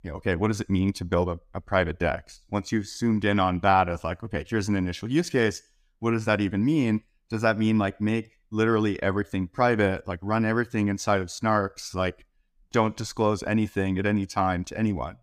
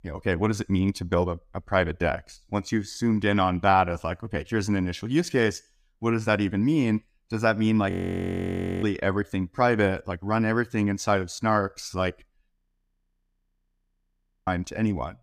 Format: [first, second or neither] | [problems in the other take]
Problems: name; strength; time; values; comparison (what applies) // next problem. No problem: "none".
first | audio freezing; at 8 s for 1 s and at 13 s for 2 s